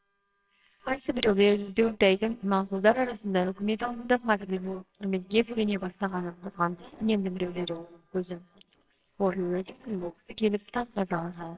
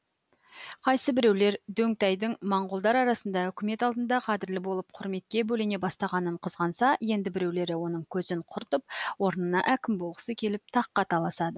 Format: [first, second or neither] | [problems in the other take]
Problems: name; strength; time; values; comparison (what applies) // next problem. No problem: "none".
second | noise reduction (neural separator model SepFormer WHAMR!)